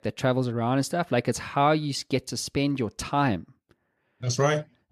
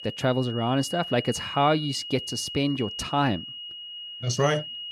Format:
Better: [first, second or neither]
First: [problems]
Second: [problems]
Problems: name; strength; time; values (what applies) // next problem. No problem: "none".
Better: first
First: none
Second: high-pitched whine; loud; throughout; 3 kHz, 9 dB below the speech